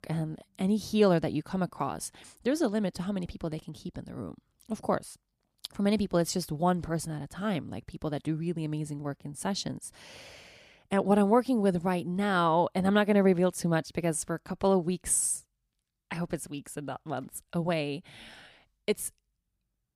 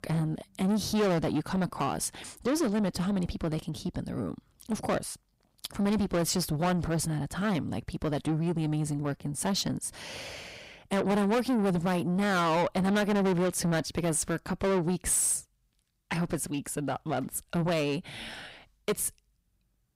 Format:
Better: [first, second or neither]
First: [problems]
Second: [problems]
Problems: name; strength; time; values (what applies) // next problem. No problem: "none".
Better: first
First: none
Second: distortion; heavy; 5 dB below the speech